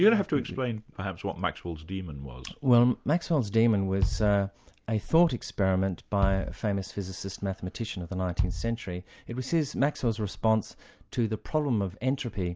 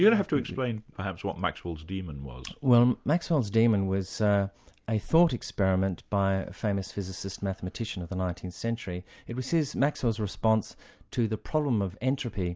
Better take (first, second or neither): second